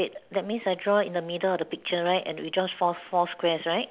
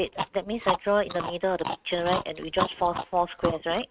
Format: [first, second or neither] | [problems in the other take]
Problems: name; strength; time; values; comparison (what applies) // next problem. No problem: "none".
first | noise reduction (neural mask model RNNoise)